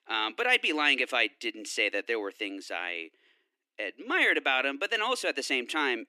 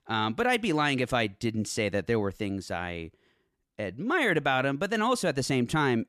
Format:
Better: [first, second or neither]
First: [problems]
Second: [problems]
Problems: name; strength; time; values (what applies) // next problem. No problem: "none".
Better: second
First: thin; somewhat; fading below 300 Hz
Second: none